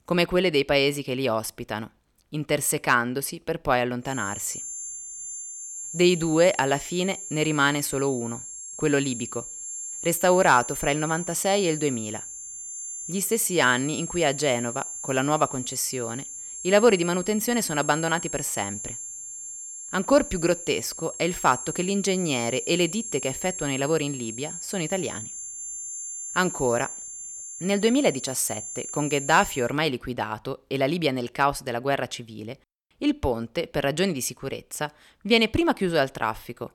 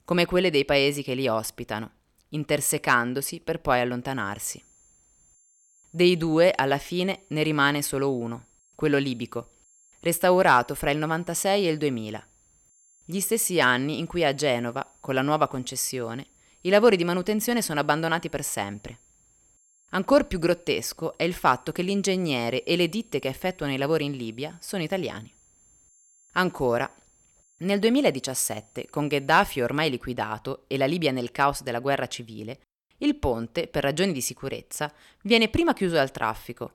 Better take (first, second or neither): second